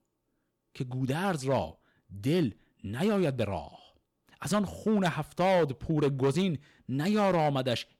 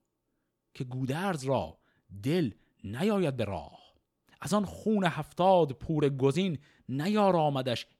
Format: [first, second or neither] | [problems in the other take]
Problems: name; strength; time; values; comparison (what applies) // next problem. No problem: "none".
second | distortion; slight; 4% of the sound clipped